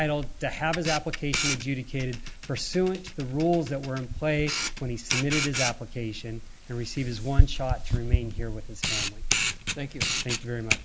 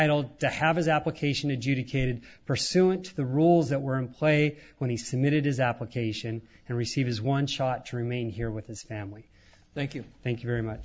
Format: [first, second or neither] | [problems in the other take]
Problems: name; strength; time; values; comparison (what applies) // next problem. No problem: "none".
second | background sound (Camera); 1 dB above the speech